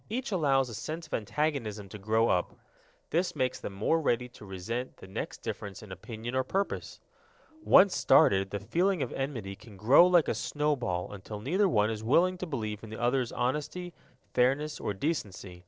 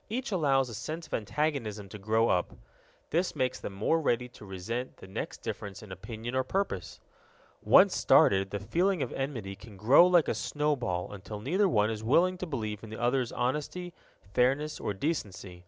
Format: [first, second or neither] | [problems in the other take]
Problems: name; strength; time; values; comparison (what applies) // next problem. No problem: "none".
second | noise reduction (neural separator model SepFormer DNS4)